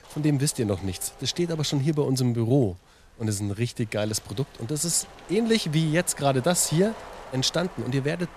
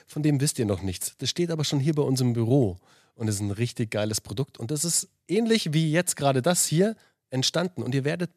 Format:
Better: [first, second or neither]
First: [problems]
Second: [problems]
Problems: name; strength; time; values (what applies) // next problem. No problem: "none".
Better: second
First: wind noise on the microphone; occasional gusts; 15 dB below the speech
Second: none